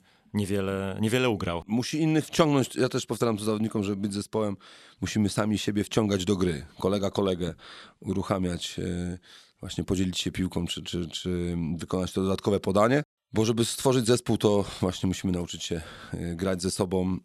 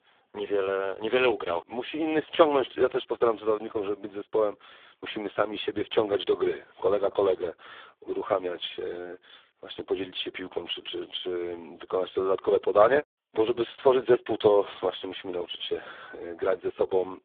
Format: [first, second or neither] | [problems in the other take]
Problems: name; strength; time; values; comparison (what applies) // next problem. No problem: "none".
first | phone-call audio; poor line; nothing above 3.5 kHz